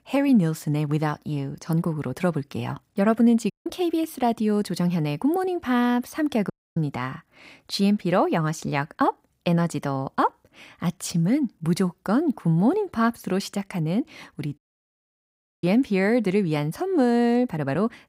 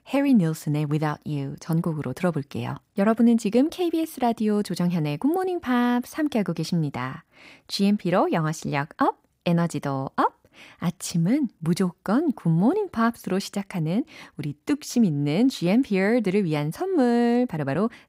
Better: second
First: audio cutting out; at 3.5 s, at 6.5 s and at 15 s for 1 s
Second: none

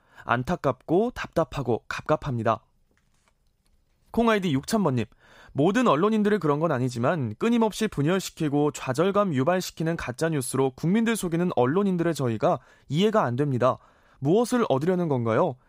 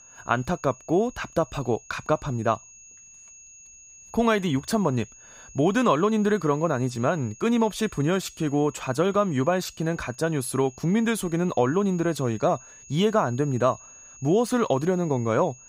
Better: first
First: none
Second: high-pitched whine; faint; throughout; 6.5 kHz, 20 dB below the speech

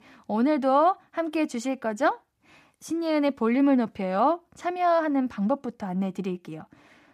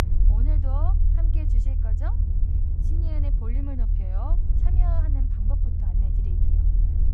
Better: first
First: none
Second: low rumble; loud; throughout; as loud as the speech

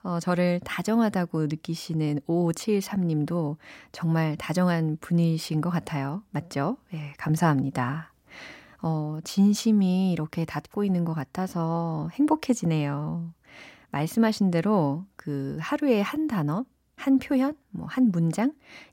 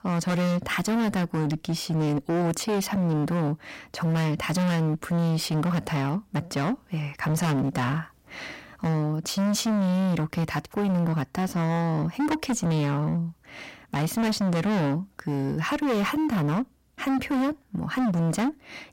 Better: first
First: none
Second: distortion; heavy; 28% of the sound clipped

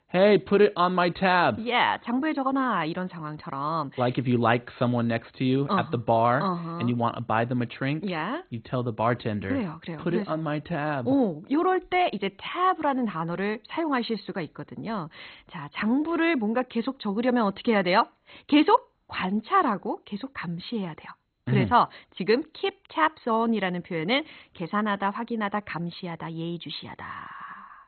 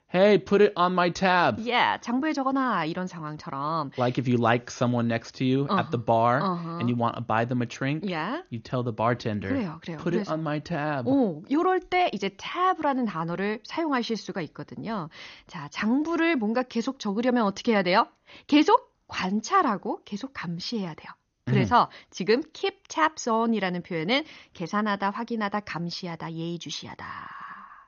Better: second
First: garbled, watery; badly; nothing above 4 kHz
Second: garbled, watery; slightly; nothing above 6.5 kHz

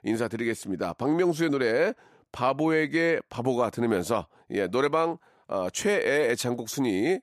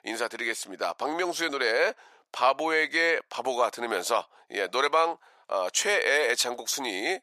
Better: first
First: none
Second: thin; very; fading below 700 Hz

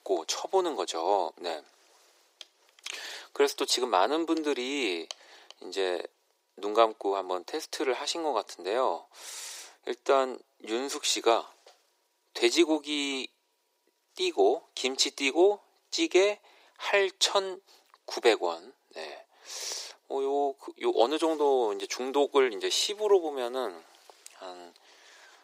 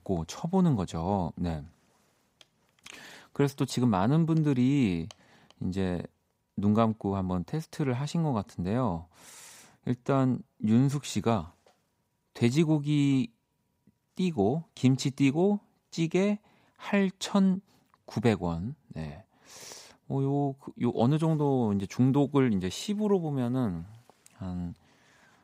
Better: second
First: thin; very; fading below 350 Hz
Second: none

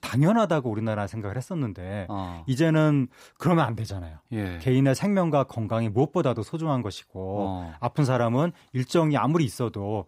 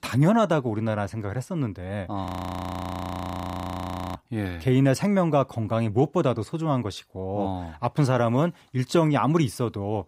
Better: first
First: none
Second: audio freezing; at 2.5 s for 2 s

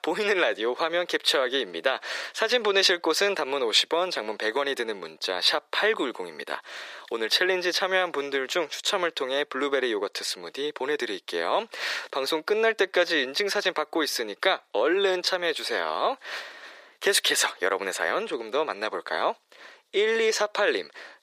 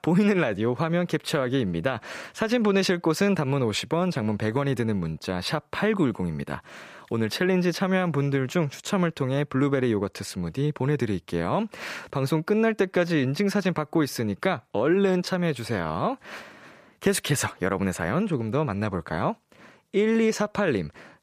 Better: second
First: thin; very; fading below 400 Hz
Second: none

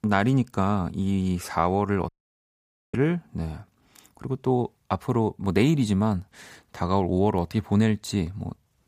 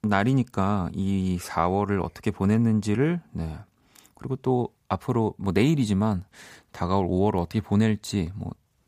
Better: second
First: audio cutting out; at 2 s for 1 s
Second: none

